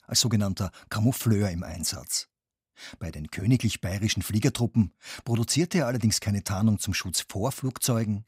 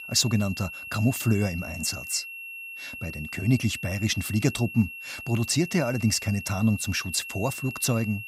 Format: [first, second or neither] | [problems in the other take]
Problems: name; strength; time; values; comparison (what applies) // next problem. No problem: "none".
first | high-pitched whine; loud; throughout; 2.5 kHz, 10 dB below the speech